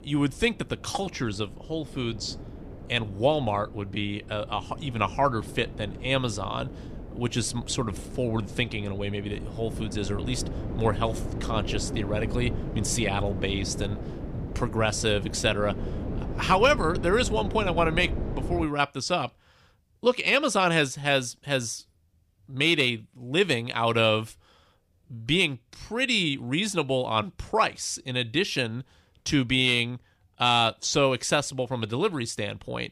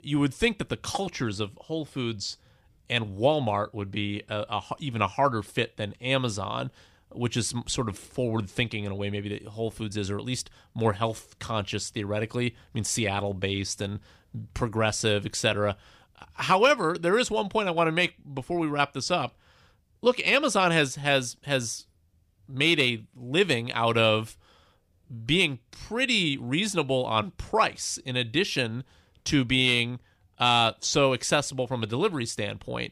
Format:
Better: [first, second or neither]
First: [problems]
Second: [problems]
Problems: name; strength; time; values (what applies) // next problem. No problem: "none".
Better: second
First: wind noise on the microphone; occasional gusts; until 19 s; 15 dB below the speech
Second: none